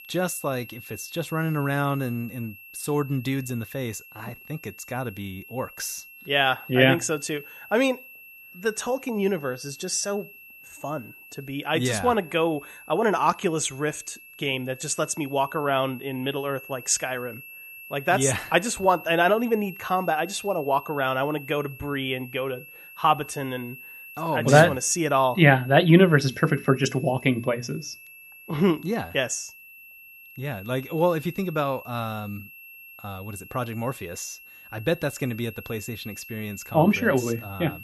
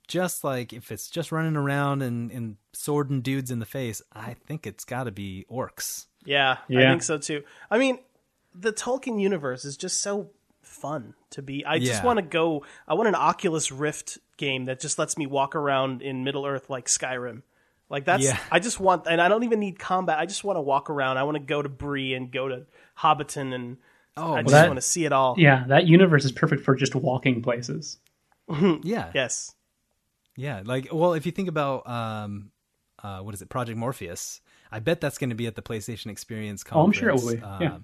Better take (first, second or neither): second